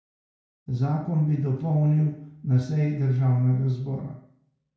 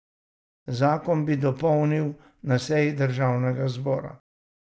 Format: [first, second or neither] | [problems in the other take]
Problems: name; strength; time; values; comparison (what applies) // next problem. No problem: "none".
second | room echo; dies away in 0.5 s